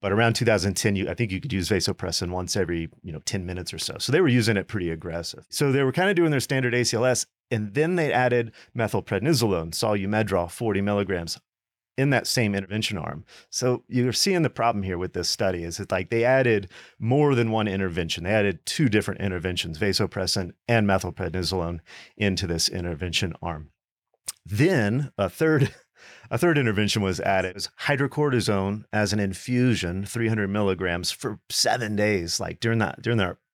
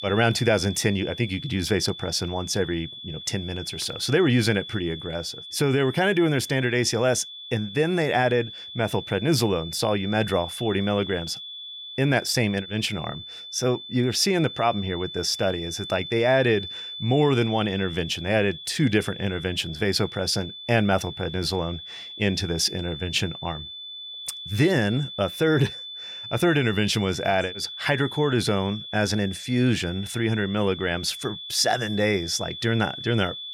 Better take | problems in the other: first | high-pitched whine; noticeable; throughout; 3.5 kHz, 10 dB below the speech

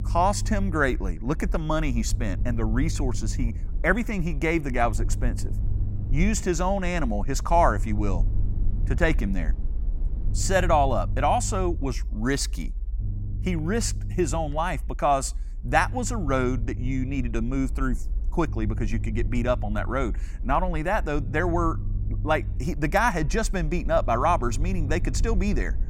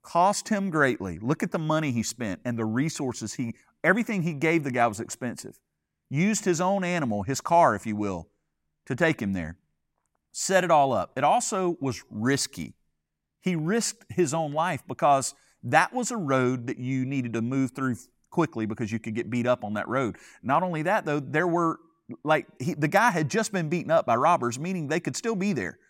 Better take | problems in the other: second | low rumble; faint; throughout; 20 dB below the speech

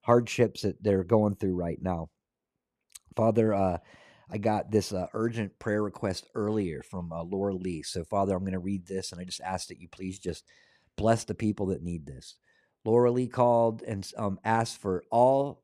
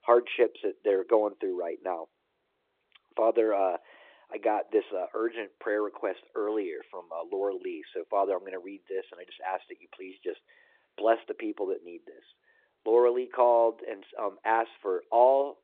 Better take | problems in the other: first | phone-call audio

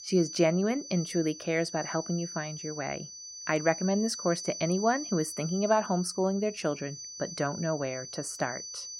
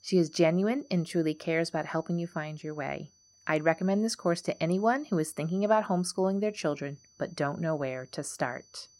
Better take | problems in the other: second | high-pitched whine; loud; throughout; 6 kHz, 9 dB below the speech; faint in the second

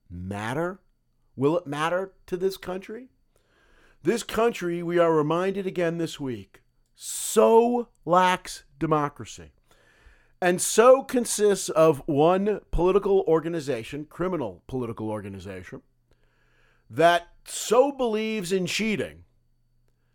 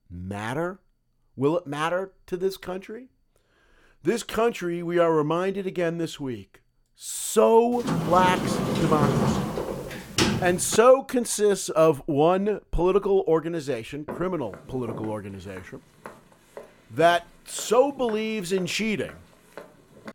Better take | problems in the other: first | door banging; loud; from 8 to 11 s; peak 1 dB above the speech // footsteps; faint; from 14 s on; peak 15 dB below the speech

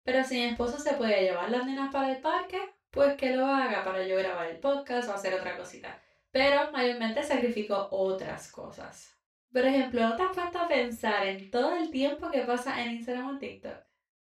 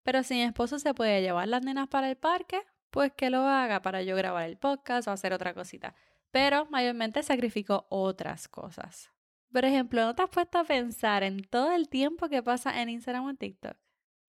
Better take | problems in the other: second | room echo; noticeable; dies away in 0.2 s // off-mic speech; far

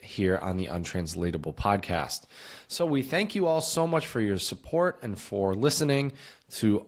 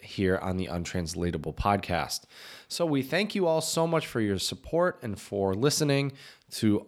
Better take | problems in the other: second | garbled, watery; slightly

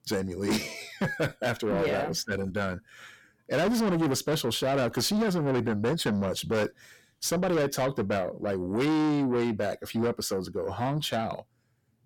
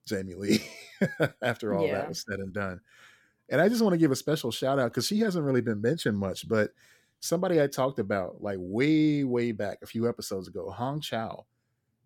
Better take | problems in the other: second | distortion; heavy; 7 dB below the speech

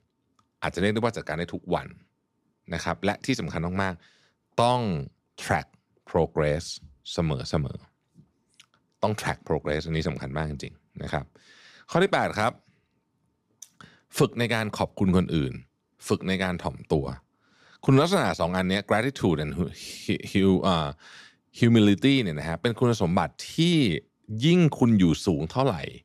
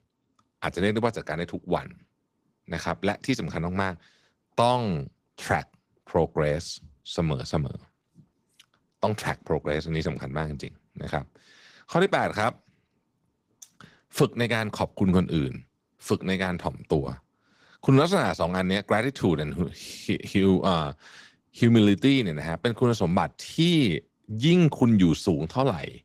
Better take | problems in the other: first | garbled, watery; slightly; nothing above 15.5 kHz

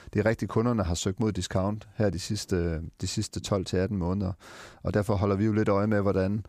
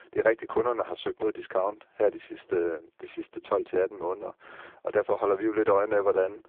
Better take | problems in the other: first | phone-call audio; poor line; nothing above 3.5 kHz

